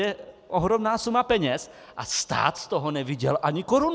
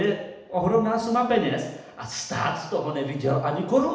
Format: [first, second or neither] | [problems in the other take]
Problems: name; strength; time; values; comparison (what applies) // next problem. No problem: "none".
first | room echo; dies away in 0.8 s